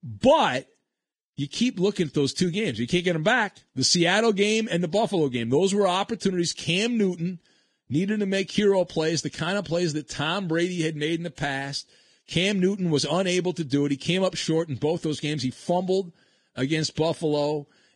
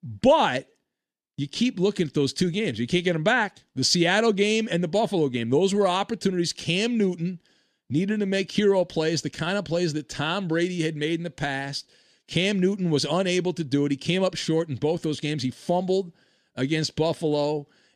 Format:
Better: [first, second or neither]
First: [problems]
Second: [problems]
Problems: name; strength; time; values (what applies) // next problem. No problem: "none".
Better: second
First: garbled, watery; badly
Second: none